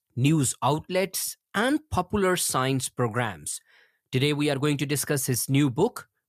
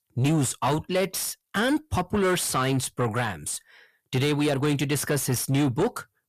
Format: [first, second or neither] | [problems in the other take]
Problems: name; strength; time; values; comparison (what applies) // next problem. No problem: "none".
first | distortion; slight; 10 dB below the speech